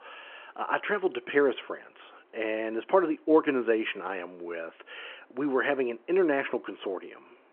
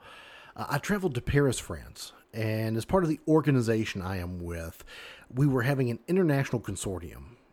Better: second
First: phone-call audio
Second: none

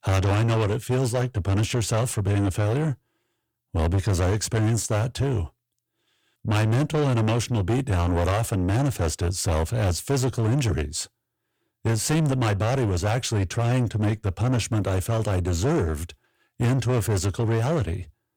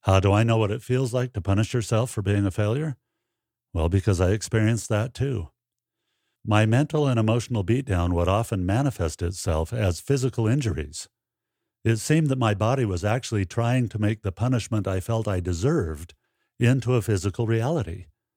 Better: second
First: distortion; heavy; 7 dB below the speech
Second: none

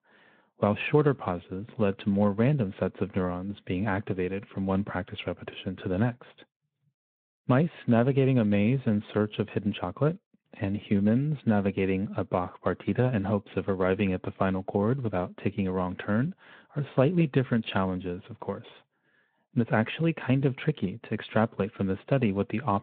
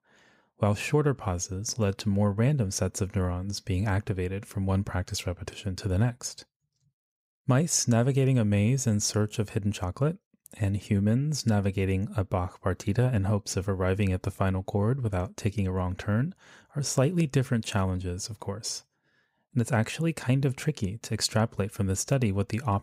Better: second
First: phone-call audio; nothing above 3.5 kHz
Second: none

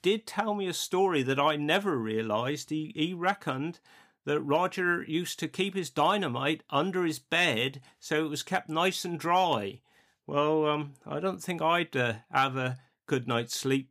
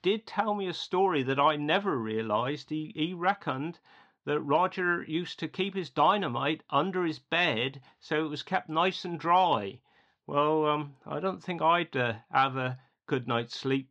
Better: first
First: none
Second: muffled; slightly; fading above 4.5 kHz

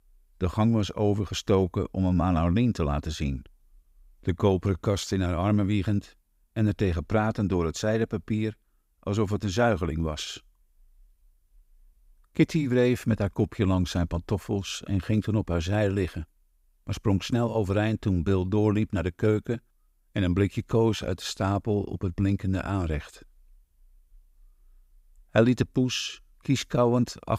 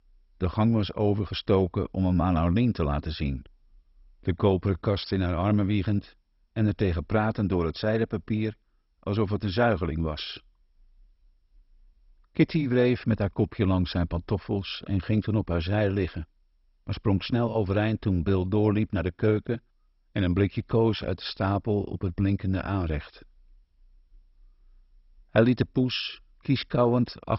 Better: first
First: none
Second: garbled, watery; badly; nothing above 5.5 kHz

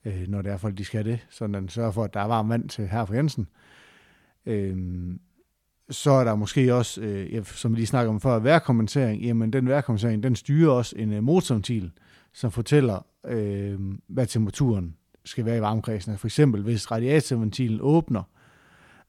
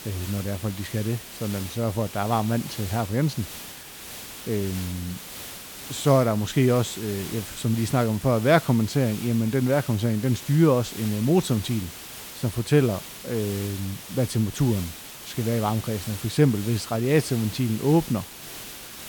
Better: first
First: none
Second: hiss; noticeable; throughout; 10 dB below the speech

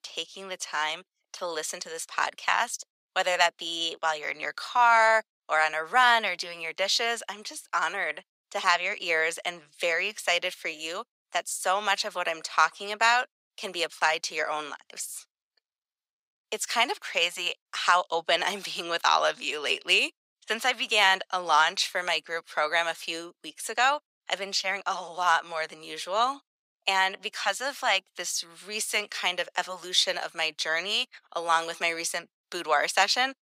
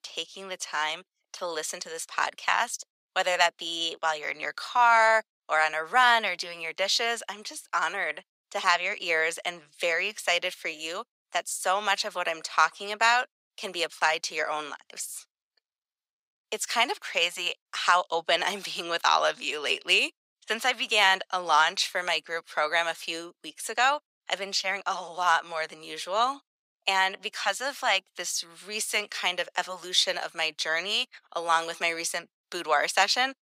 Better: neither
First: thin; very; fading below 900 Hz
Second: thin; very; fading below 900 Hz

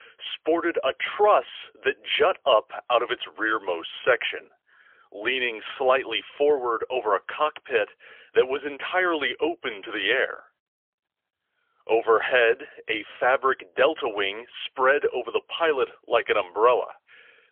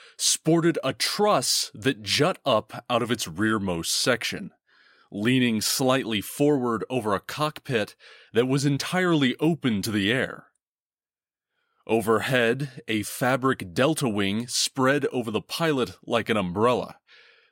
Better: second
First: phone-call audio; poor line; nothing above 3.5 kHz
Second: none

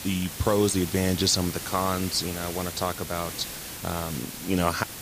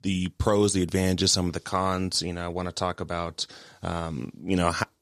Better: second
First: hiss; loud; throughout; 8 dB below the speech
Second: none

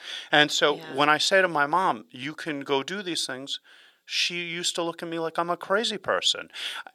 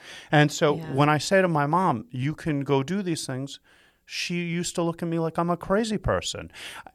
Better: second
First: thin; somewhat; fading below 350 Hz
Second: none

